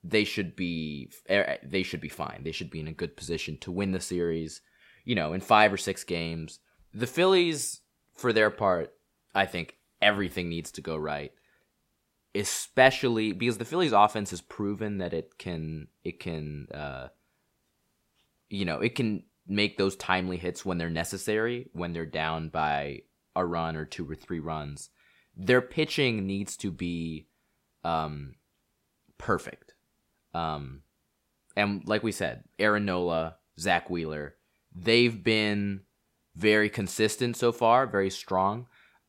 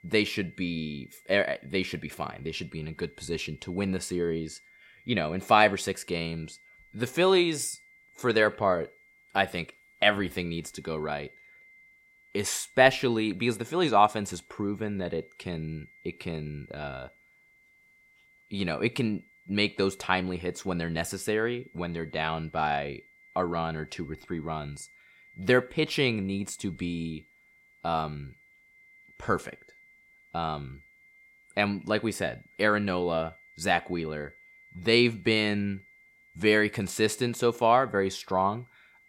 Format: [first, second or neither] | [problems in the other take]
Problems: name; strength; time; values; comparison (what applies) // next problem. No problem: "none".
first | high-pitched whine; faint; throughout; 2 kHz, 30 dB below the speech